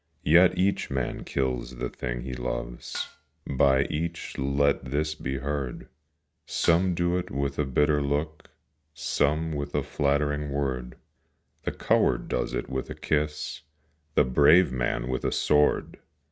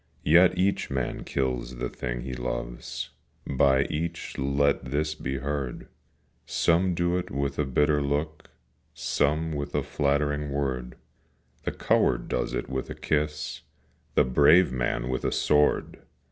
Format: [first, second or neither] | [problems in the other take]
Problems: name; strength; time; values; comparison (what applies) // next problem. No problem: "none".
second | noise reduction (neural mask model RNNoise)